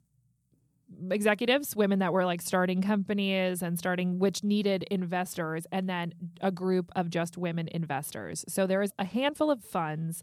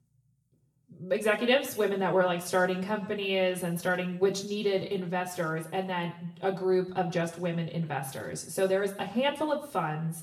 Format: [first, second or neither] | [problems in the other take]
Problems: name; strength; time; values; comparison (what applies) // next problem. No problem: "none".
first | room echo; slight; dies away in 0.6 s // off-mic speech; somewhat distant